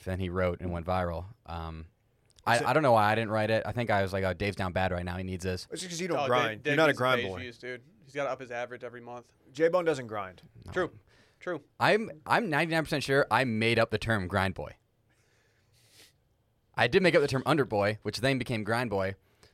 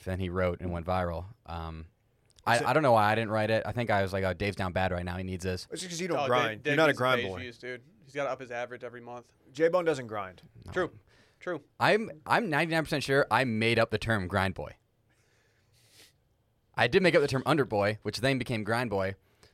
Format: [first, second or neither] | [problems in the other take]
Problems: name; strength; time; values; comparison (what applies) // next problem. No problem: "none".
neither | none